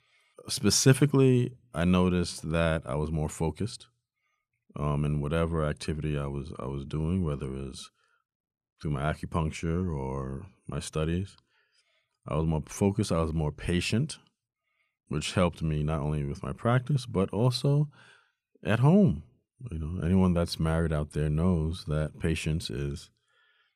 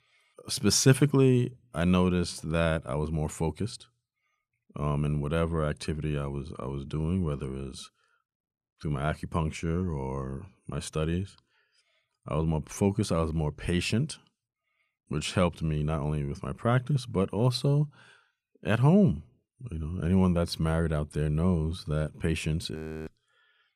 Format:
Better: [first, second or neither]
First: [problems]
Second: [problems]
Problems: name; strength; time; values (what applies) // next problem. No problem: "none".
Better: first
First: none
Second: audio freezing; at 23 s